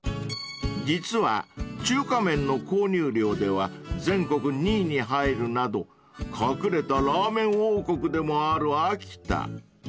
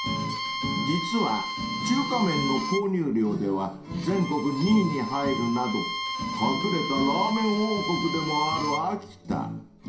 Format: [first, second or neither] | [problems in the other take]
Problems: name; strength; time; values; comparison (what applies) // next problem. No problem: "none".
first | background sound (Bowed string instrument); 6 dB below the speech // room echo; dies away in 0.5 s